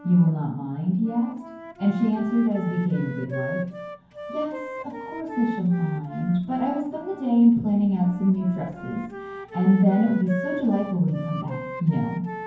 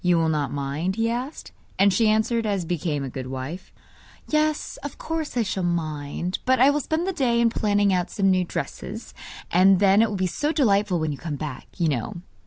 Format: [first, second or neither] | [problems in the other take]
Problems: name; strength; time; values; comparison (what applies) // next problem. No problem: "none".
second | background sound (Wind instrument, woodwind instrument); 13 dB below the speech // room echo; dies away in 0.9 s